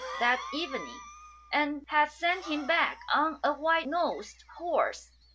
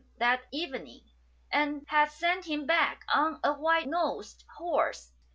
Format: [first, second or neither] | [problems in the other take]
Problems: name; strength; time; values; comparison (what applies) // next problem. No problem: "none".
second | background sound (Cough); 15 dB below the speech